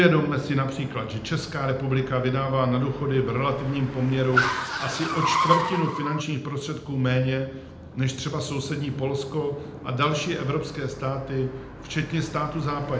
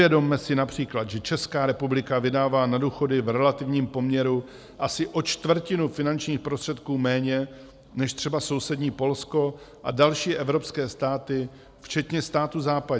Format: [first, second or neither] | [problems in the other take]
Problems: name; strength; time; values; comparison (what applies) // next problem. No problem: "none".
second | background sound (Car); 7 dB below the speech // room echo; dies away in 0.8 s